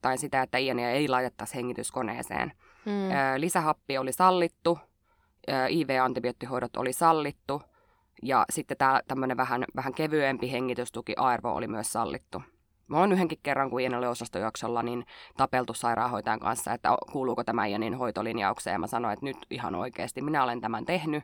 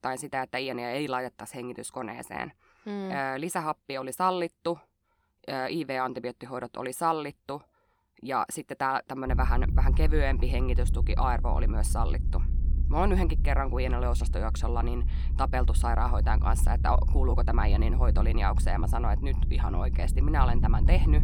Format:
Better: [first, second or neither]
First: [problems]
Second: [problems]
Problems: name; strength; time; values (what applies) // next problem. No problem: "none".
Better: first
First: none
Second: low rumble; noticeable; from 9.5 s on; 15 dB below the speech